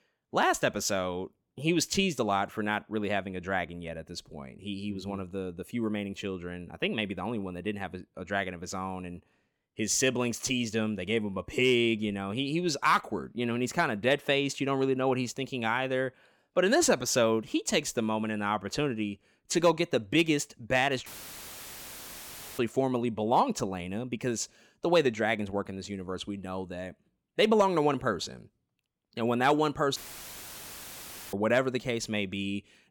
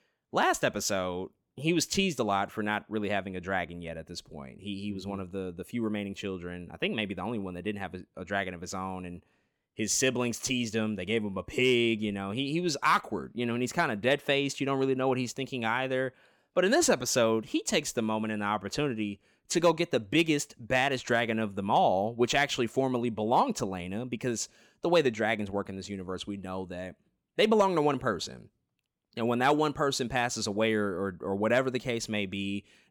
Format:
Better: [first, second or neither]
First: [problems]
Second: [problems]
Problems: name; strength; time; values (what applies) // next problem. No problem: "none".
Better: second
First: audio cutting out; filled with static; at 21 s for 1.5 s and at 30 s for 1.5 s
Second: none